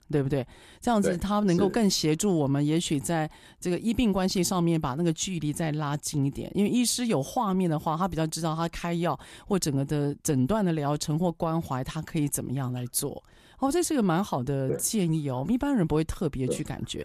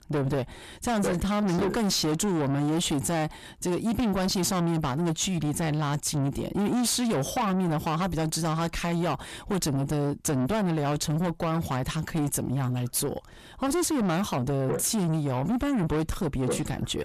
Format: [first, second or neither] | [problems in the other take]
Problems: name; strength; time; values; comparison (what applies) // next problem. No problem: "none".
first | distortion; heavy; 7 dB below the speech